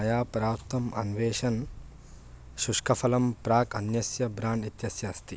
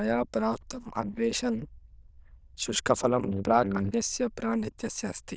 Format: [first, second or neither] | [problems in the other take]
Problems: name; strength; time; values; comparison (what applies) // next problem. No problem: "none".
first | noise reduction (neural diffusion model UNIVERSE++)